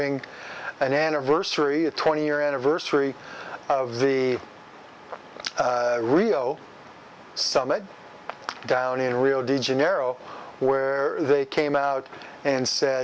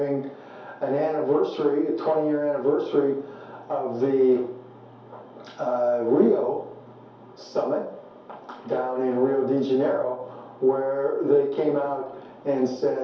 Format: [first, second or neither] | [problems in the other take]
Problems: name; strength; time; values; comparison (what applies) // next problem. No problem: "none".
first | room echo; dies away in 2.4 s